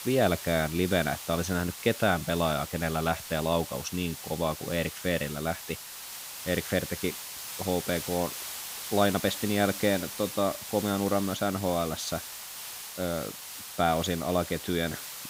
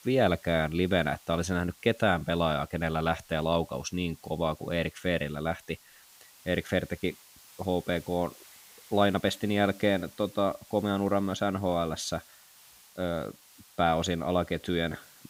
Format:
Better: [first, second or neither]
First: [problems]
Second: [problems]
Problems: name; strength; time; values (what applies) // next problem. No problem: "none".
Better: second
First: hiss; loud; throughout; 8 dB below the speech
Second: hiss; faint; throughout; 25 dB below the speech